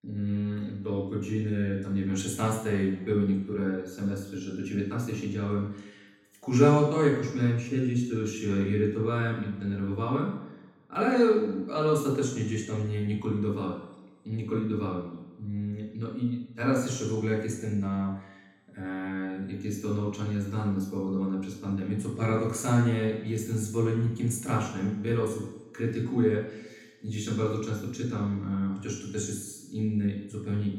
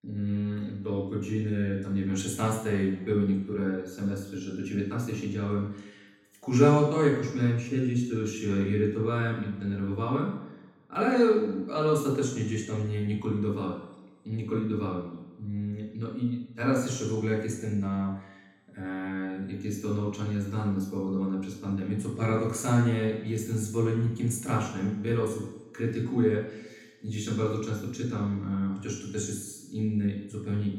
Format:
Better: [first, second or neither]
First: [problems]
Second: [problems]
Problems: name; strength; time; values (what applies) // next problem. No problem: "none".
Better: neither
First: room echo; noticeable; dies away in 0.9 s // off-mic speech; far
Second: room echo; noticeable; dies away in 0.9 s // off-mic speech; far